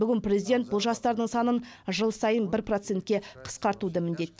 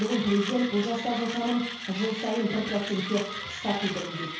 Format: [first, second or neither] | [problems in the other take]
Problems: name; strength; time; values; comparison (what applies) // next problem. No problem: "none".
first | background sound (Mechanisms); 8 dB below the speech // room echo; dies away in 0.6 s